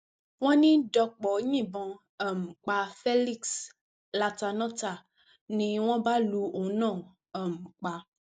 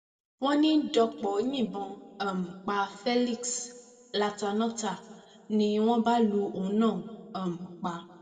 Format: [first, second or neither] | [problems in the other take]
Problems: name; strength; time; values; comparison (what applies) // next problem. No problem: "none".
first | room echo; dies away in 1.4 s